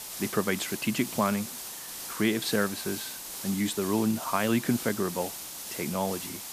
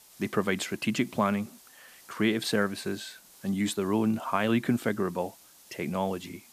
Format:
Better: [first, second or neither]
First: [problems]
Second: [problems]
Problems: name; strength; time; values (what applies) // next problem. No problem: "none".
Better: second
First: hiss; loud; throughout; 7 dB below the speech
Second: hiss; faint; throughout; 25 dB below the speech